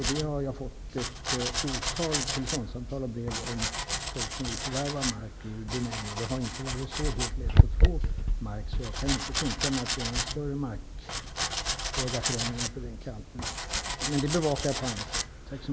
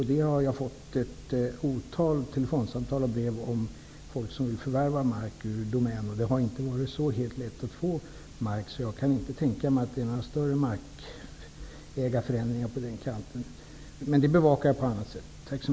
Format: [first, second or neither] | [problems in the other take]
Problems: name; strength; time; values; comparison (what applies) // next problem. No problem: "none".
second | background sound (Domestic sounds, home sounds); 4 dB above the speech